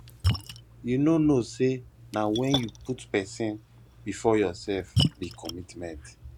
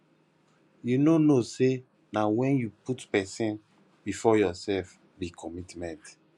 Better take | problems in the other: second | background sound (Splash, splatter); 6 dB below the speech

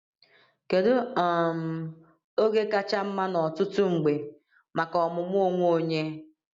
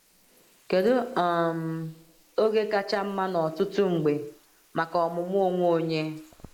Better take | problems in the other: first | noise reduction (neural mask model Resemble Enhance denoiser)

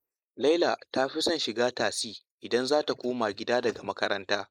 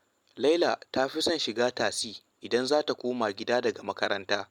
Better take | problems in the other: second | noise reduction (neural mask model Resemble Enhance denoiser)

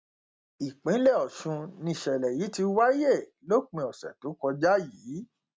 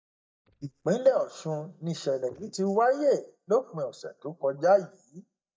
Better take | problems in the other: first | noise reduction (neural mask model DeepFilterNet 3)

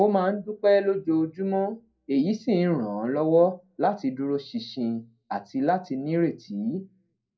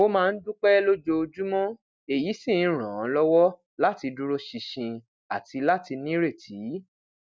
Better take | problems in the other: second | room echo; dies away in 0.2 s

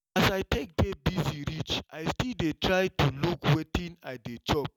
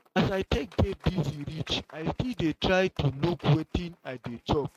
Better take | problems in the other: first | noise reduction (neural mask model RNNoise)

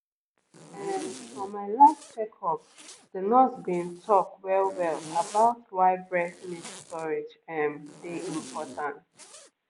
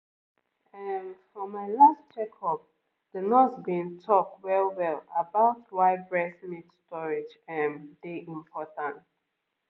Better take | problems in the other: second | background sound (Zipper (clothing)); 17 dB below the speech

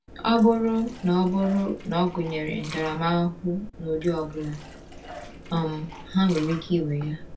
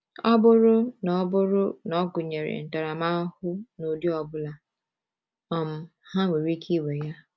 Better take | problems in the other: second | background sound (Liquid); 16 dB below the speech // room echo; dies away in 0.2 s

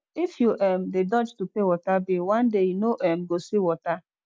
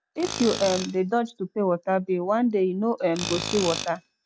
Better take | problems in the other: first | background sound (Tools); 11 dB below the speech

